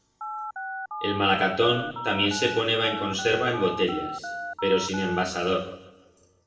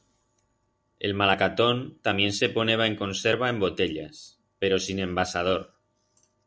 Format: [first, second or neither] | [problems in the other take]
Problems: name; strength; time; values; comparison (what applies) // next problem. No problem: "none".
second | background sound (Telephone); 8 dB below the speech // room echo; dies away in 0.9 s